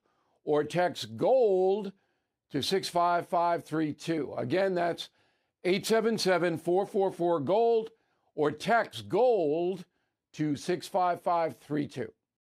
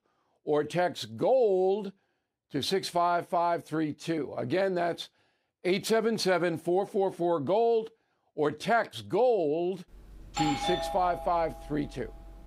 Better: first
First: none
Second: doorbell; noticeable; from 10 s on; peak 1 dB below the speech

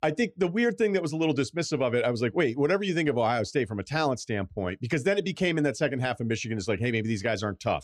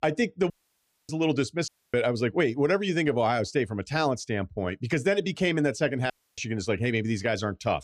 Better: first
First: none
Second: audio cutting out; at 0.5 s for 0.5 s, at 1.5 s and at 6 s

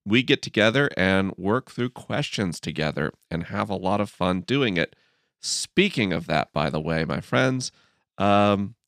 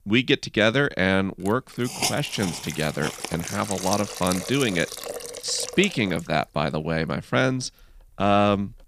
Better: first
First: none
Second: hiss; loud; throughout; 7 dB below the speech

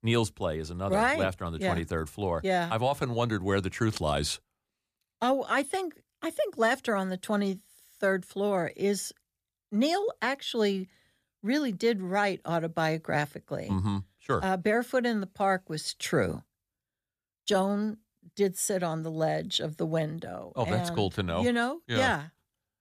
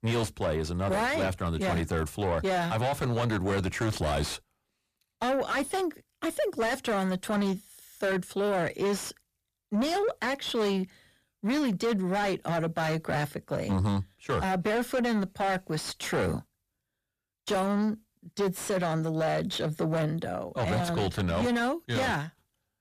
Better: first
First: none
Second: distortion; heavy; 6 dB below the speech

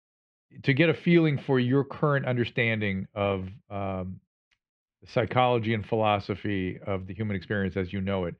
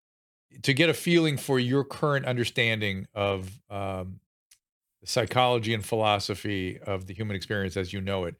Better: second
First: muffled; very; fading above 2.5 kHz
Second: none

